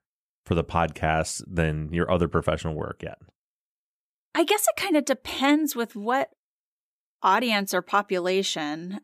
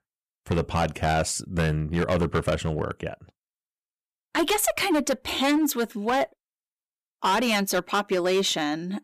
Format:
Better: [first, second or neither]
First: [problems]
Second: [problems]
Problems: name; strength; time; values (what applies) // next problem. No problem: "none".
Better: first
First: none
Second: distortion; heavy; 9% of the sound clipped